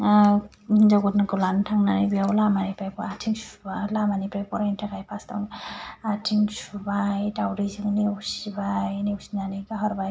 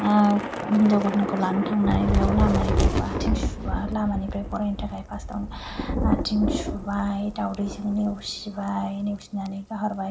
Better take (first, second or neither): first